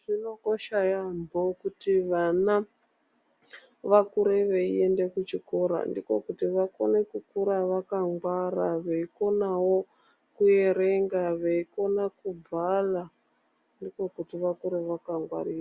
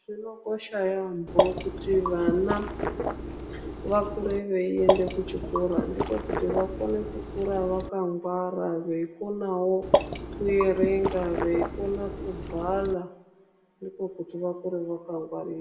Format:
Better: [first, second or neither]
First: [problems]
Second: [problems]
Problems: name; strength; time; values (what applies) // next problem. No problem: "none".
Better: first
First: none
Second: background sound (Water / Liquid); 1 dB below the speech // room echo; dies away in 0.7 s